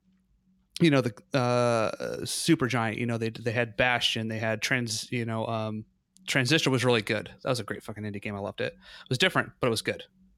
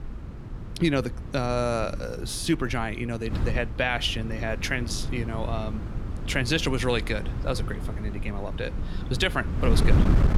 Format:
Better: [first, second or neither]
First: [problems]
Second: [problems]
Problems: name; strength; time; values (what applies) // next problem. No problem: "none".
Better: first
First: none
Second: wind noise on the microphone; occasional gusts; 10 dB below the speech